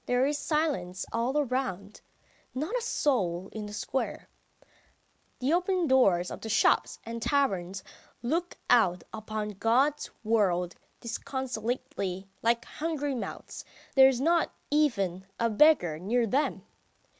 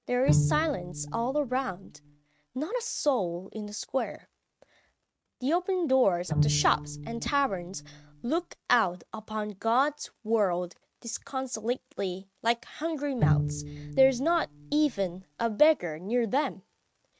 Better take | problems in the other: first | noise reduction (neural mask model RNNoise)

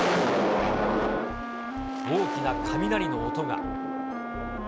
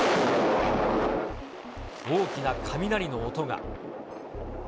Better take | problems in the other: second | background sound (Wind instrument, woodwind instrument); 4 dB below the speech

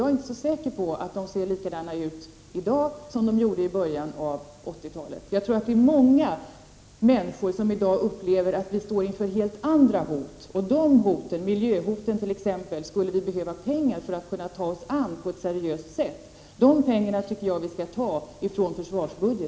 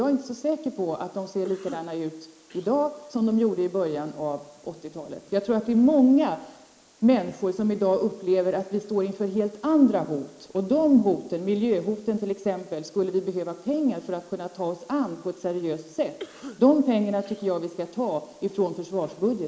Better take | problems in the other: first | noise reduction (neural mask model Resemble Enhance denoiser)

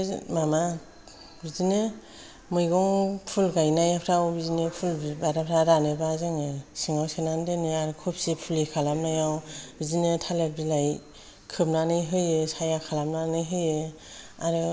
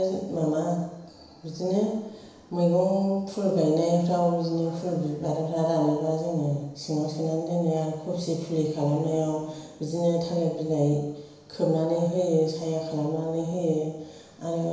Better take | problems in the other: first | room echo; dies away in 1 s

